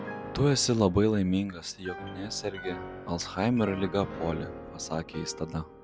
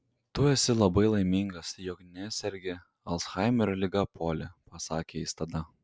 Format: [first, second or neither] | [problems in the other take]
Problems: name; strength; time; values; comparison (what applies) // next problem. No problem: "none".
second | background sound (Piano); 12 dB below the speech